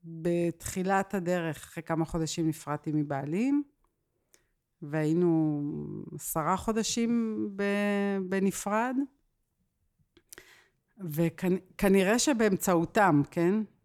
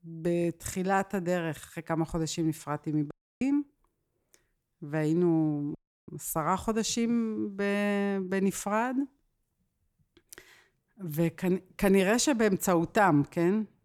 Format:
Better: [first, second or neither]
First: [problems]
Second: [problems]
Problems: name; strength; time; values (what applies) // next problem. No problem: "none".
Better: first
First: none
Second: audio cutting out; at 3 s and at 6 s